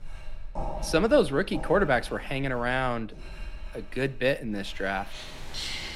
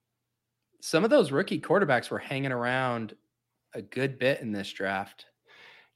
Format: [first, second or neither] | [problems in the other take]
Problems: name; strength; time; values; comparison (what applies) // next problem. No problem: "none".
second | household noises; noticeable; throughout; 15 dB below the speech